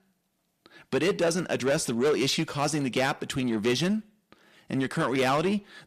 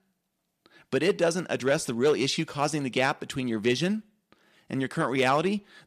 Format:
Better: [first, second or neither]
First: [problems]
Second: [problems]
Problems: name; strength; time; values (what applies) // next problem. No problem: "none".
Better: second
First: distortion; slight; 10 dB below the speech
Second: none